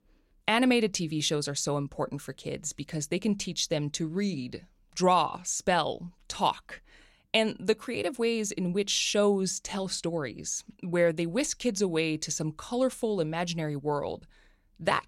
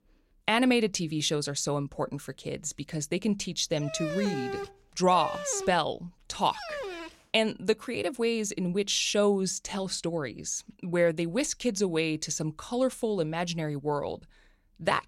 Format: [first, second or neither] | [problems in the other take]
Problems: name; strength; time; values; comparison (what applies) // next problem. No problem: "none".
first | dog barking; noticeable; from 4 to 7 s; peak 5 dB below the speech